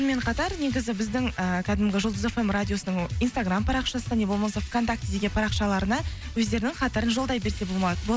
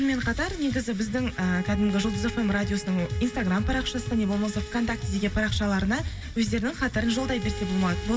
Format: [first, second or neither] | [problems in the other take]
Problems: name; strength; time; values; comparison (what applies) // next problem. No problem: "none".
first | background sound (Bowed string instrument); 16 dB below the speech // room echo; dies away in 2.4 s